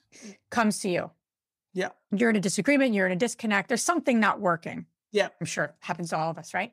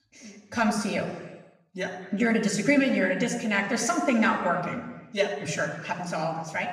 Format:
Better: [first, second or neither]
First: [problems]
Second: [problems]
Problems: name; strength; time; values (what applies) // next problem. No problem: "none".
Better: first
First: none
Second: room echo; noticeable; dies away in 1.1 s // off-mic speech; somewhat distant